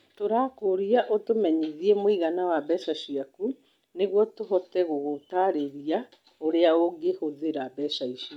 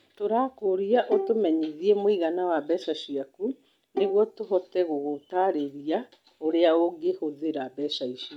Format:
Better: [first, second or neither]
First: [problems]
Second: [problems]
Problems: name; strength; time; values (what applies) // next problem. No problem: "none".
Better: first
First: none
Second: background sound (Bowed string instrument); 8 dB below the speech